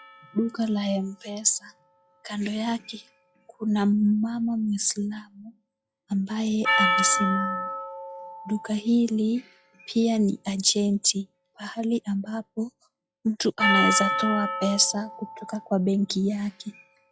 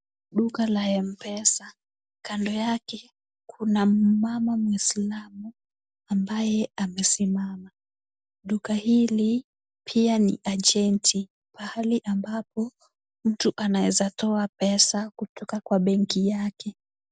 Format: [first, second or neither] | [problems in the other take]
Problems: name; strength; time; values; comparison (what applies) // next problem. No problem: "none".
second | noise reduction (classical method log-MMSE)